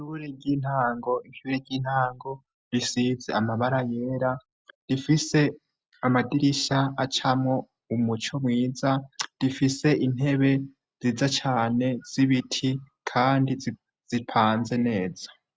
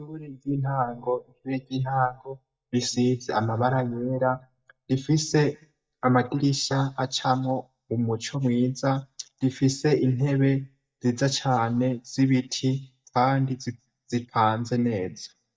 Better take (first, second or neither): first